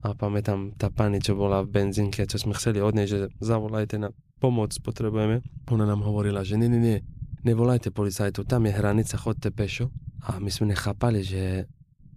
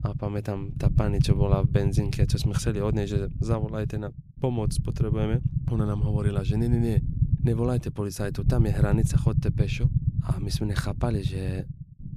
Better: first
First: low rumble; faint; throughout; 25 dB below the speech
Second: low rumble; loud; throughout; 6 dB below the speech

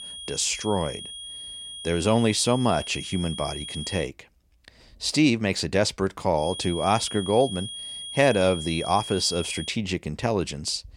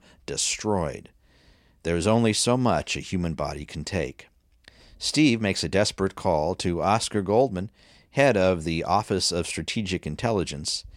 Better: second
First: high-pitched whine; loud; until 4 s and from 6.5 to 9.5 s; 3.5 kHz, 10 dB below the speech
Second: none

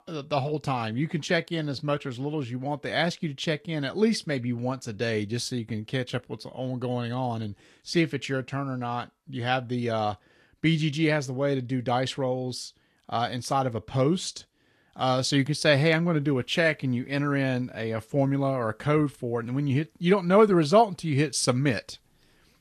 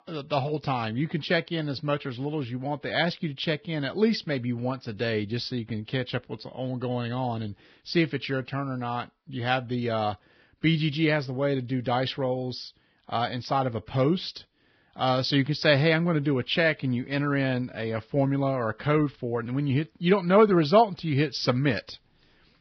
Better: first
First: garbled, watery; slightly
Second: garbled, watery; badly; nothing above 5.5 kHz

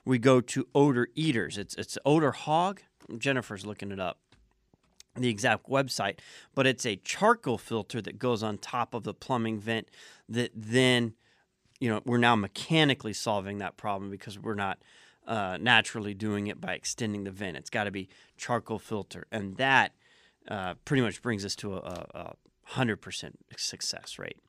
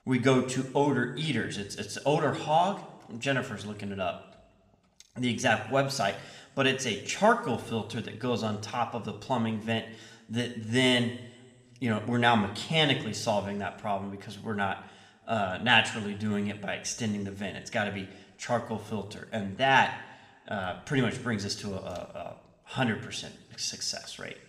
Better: first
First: none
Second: room echo; slight; dies away in 1 s

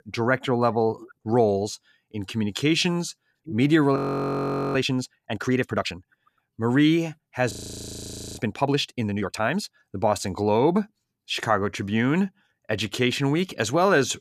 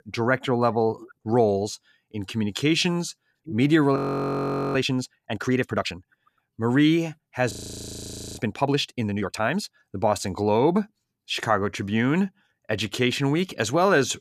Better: neither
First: audio freezing; at 4 s for 1 s and at 7.5 s for 1 s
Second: audio freezing; at 4 s for 1 s and at 7.5 s for 1 s

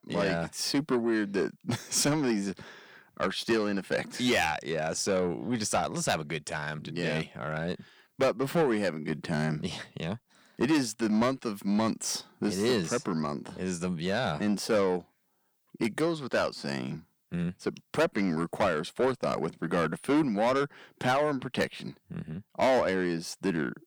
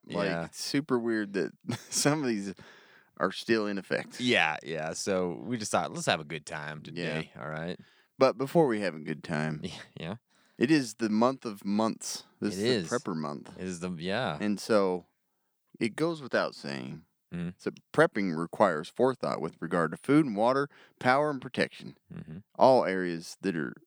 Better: second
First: distortion; heavy; 7 dB below the speech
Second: none

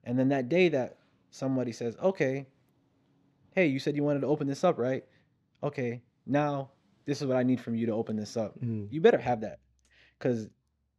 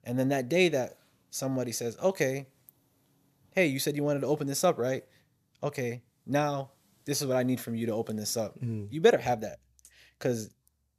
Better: second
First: muffled; slightly; fading above 3.5 kHz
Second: none

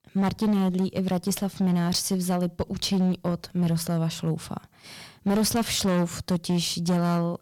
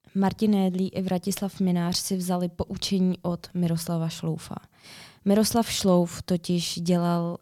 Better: second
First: distortion; slight; 11% of the sound clipped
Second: none

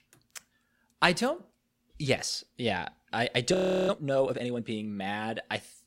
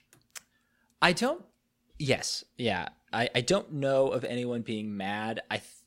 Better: second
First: audio freezing; at 3.5 s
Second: none

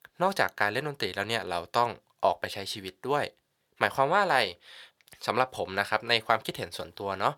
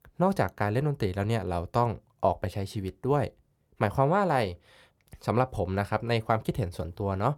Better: second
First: thin; somewhat; fading below 1 kHz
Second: none

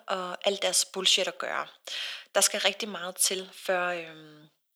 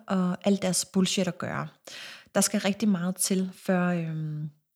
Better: second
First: thin; very; fading below 450 Hz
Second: none

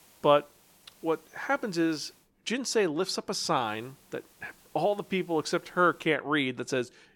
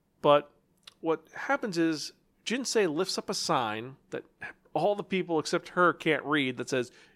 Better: second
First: hiss; faint; until 2 s and from 3.5 to 6 s; 30 dB below the speech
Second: none

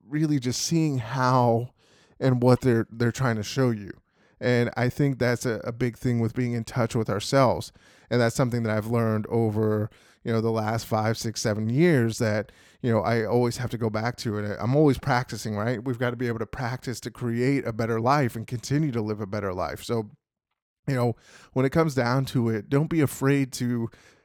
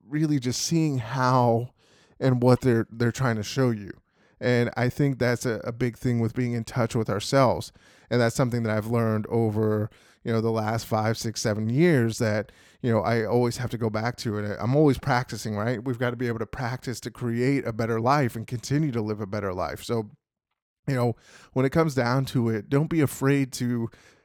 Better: neither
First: none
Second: none

